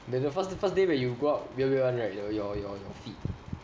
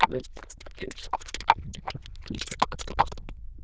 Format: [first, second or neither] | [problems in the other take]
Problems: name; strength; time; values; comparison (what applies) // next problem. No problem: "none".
first | noise reduction (neural diffusion model UNIVERSE++)